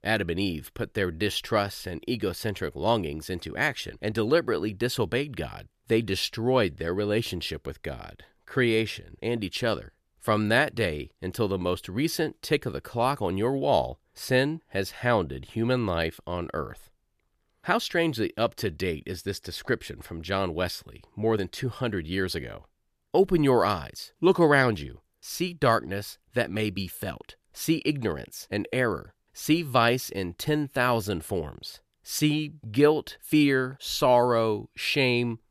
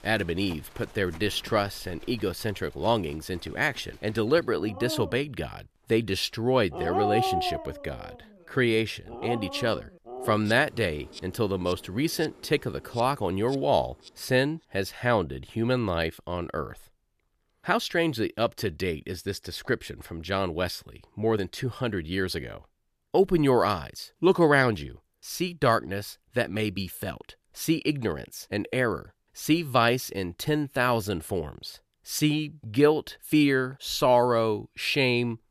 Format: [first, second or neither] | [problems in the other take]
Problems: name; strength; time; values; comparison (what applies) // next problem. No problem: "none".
first | animal sounds; loud; until 14 s; 9 dB below the speech